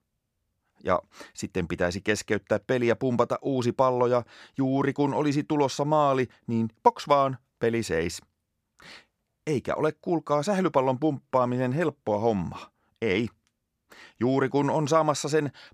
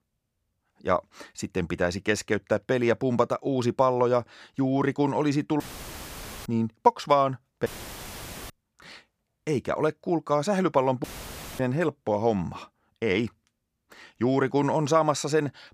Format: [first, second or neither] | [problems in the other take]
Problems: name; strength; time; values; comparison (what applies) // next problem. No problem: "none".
first | audio cutting out; filled with static; at 5.5 s for 1 s, at 7.5 s for 1 s and at 11 s for 0.5 s